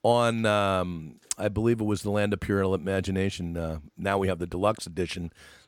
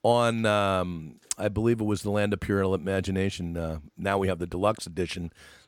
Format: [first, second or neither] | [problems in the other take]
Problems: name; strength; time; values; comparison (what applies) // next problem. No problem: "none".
neither | none